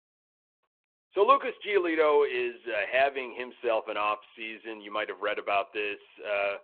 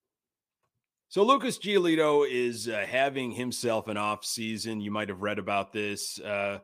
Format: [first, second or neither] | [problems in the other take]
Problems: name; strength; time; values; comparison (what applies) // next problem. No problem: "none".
second | phone-call audio